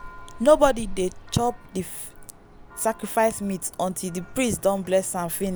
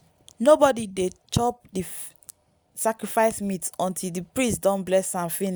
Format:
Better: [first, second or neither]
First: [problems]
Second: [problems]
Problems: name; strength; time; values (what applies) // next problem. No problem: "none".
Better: second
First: background sound (Church bell); 14 dB below the speech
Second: none